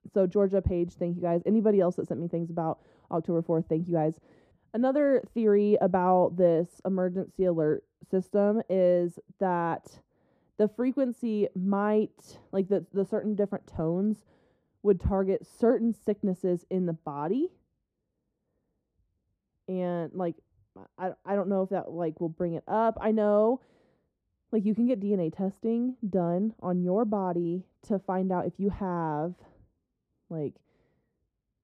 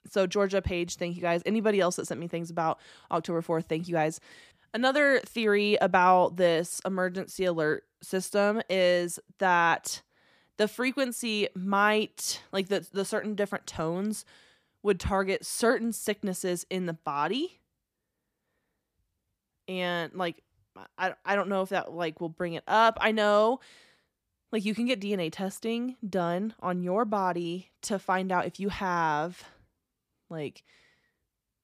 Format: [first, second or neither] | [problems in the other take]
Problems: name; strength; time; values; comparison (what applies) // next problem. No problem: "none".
second | muffled; very; fading above 1 kHz